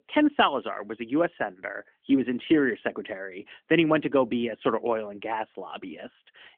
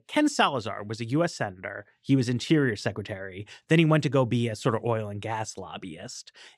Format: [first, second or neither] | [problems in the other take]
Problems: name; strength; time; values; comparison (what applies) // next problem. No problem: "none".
second | phone-call audio; nothing above 3.5 kHz